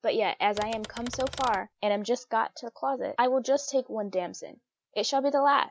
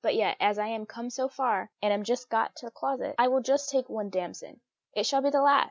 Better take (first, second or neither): second